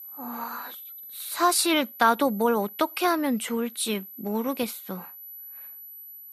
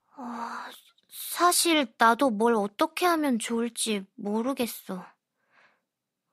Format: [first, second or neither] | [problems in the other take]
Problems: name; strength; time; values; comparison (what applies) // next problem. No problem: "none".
second | high-pitched whine; noticeable; throughout; 12 kHz, 15 dB below the speech